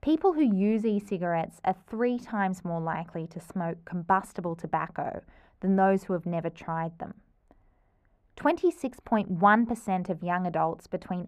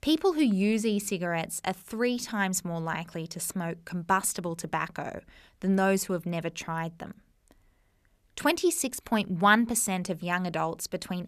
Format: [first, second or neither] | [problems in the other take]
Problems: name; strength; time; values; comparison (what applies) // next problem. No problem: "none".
second | muffled; very; fading above 3 kHz